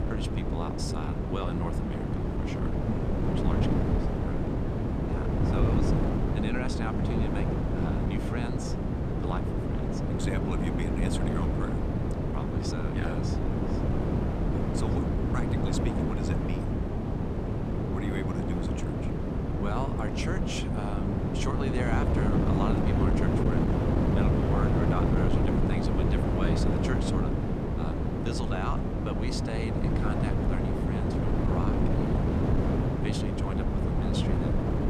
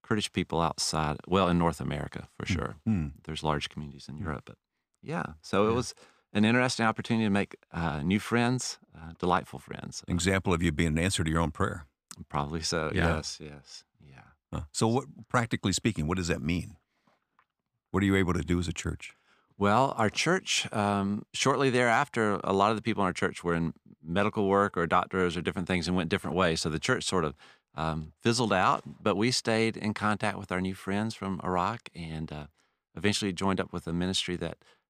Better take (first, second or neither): second